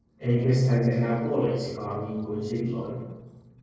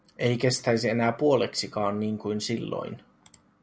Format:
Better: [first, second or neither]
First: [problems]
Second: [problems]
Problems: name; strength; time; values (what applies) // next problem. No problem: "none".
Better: second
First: noise reduction (neural separator model SepFormer DNS4)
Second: none